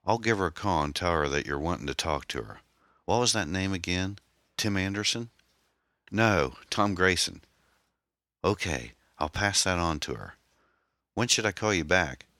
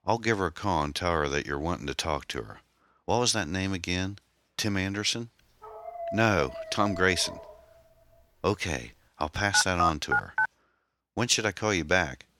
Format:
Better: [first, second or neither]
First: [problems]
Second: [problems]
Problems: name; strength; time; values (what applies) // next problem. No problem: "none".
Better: first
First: none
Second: dog barking; noticeable; from 5.5 to 7.5 s; peak 8 dB below the speech // phone ringing; loud; at 9.5 s; peak 2 dB above the speech